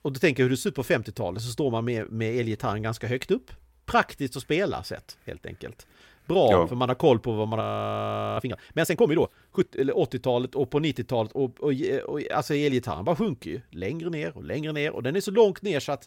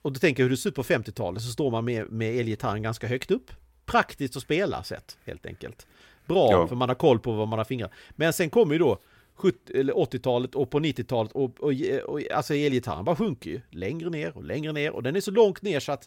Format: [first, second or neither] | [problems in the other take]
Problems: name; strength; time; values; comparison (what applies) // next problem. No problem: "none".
second | audio freezing; at 7.5 s for 1 s